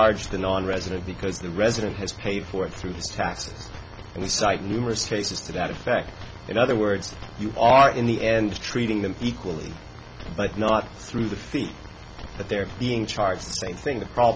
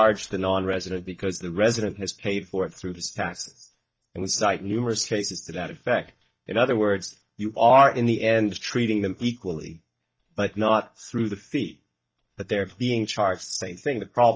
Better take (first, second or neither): first